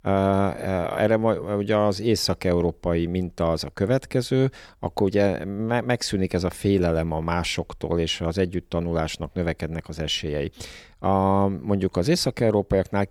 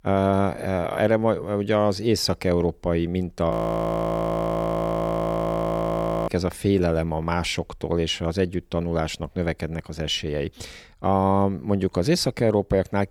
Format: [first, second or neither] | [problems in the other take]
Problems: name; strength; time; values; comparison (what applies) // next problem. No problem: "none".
first | audio freezing; at 3.5 s for 3 s